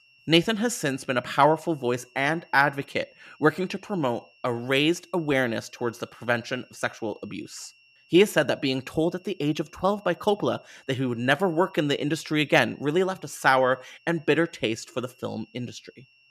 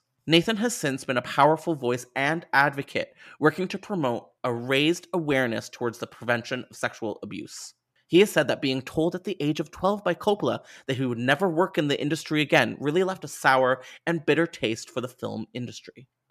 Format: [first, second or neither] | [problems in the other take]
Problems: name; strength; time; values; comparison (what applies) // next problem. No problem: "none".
second | high-pitched whine; faint; throughout; 2.5 kHz, 30 dB below the speech